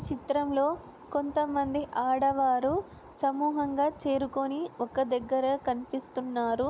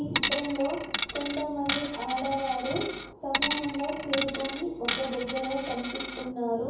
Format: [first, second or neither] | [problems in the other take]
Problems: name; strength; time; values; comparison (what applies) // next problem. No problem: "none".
first | background sound (Coin (dropping)); 3 dB below the speech // room echo; dies away in 0.9 s